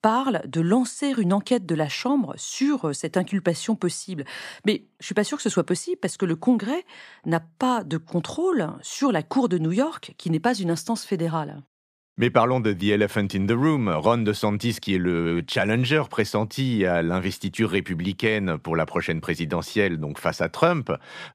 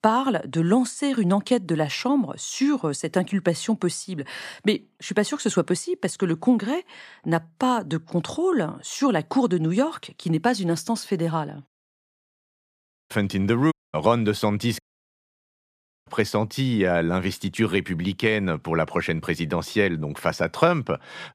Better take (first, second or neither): first